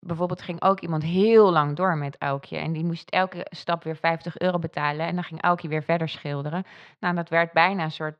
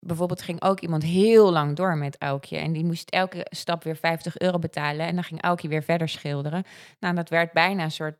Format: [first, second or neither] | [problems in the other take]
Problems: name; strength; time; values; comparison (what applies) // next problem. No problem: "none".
second | muffled; very slightly; fading above 4 kHz